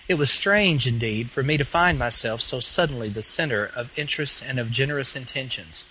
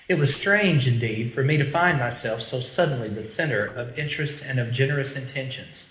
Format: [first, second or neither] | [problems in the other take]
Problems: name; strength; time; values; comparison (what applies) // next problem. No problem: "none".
first | noise reduction (neural separator model SepFormer DNS4)